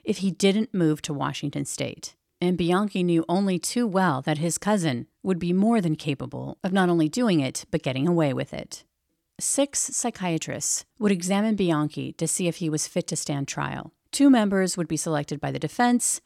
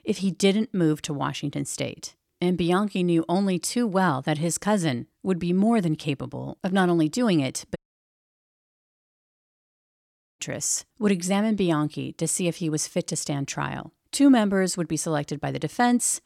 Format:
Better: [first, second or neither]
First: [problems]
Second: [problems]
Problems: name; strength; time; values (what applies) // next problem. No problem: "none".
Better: first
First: none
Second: audio cutting out; at 8 s for 2.5 s